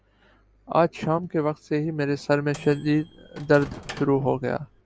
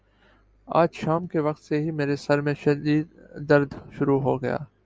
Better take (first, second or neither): second